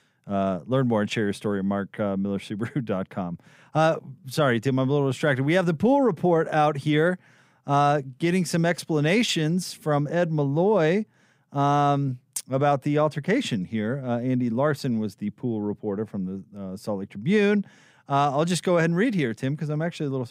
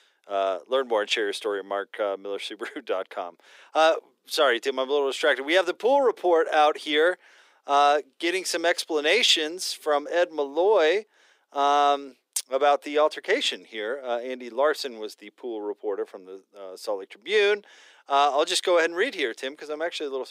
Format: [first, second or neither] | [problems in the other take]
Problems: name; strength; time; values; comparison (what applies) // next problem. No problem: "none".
first | thin; very; fading below 350 Hz